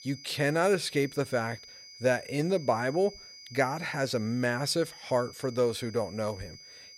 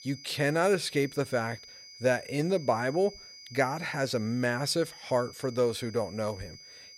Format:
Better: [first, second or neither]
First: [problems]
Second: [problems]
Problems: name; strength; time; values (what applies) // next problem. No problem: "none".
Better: neither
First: high-pitched whine; noticeable; throughout; 5 kHz, 15 dB below the speech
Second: high-pitched whine; noticeable; throughout; 5 kHz, 15 dB below the speech